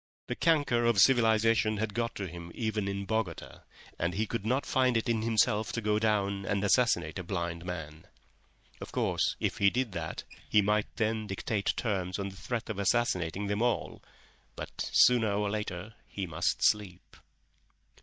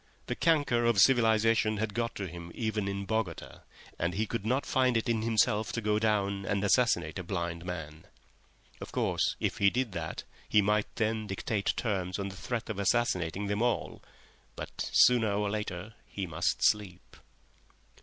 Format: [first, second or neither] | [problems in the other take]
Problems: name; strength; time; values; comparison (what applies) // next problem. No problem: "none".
second | noise reduction (neural mask model DeepFilterNet 3)